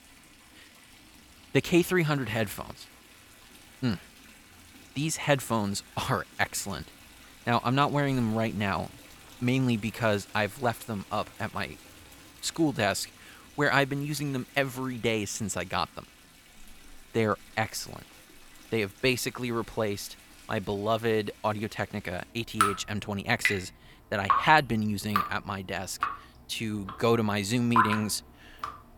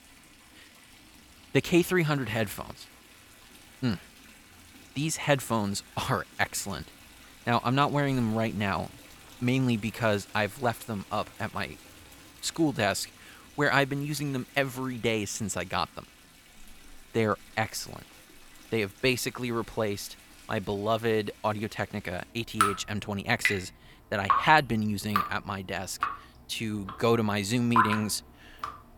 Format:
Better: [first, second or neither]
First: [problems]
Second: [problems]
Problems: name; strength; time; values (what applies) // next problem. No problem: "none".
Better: neither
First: rain or running water; loud; throughout; 2 dB below the speech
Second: rain or running water; loud; throughout; 2 dB below the speech